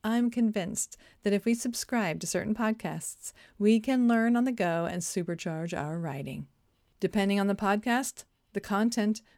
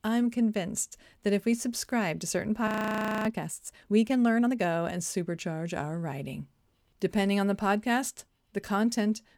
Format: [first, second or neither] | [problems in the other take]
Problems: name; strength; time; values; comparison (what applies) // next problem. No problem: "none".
first | audio freezing; at 2.5 s for 0.5 s